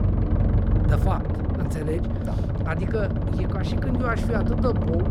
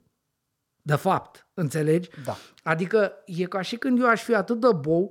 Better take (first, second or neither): second